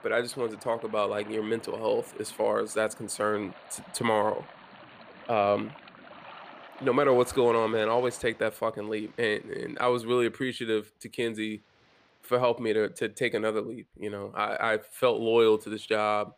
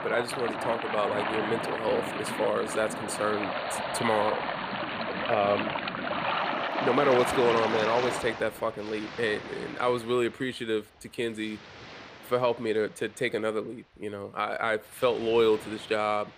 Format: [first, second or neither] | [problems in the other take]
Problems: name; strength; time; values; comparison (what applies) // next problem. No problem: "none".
first | rain or running water; loud; throughout; 3 dB below the speech; faint in the first